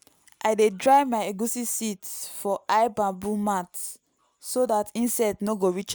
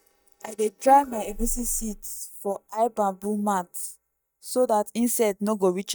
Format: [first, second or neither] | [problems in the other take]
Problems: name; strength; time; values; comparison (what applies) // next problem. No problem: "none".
first | noise reduction (neural mask model DeepFilterNet 3)